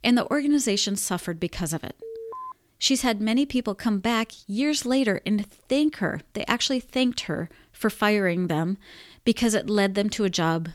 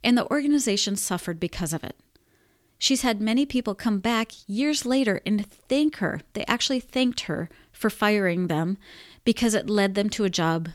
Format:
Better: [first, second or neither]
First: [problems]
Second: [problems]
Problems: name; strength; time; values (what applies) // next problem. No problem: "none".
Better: second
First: alarm; faint; at 2 s; peak 10 dB below the speech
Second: none